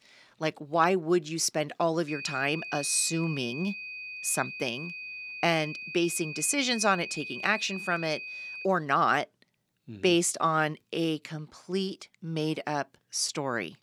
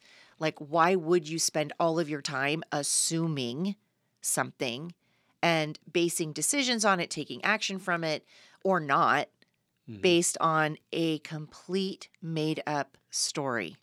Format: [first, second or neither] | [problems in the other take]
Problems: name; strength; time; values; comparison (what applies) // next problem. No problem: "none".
second | high-pitched whine; loud; from 2 to 8.5 s; 2.5 kHz, 9 dB below the speech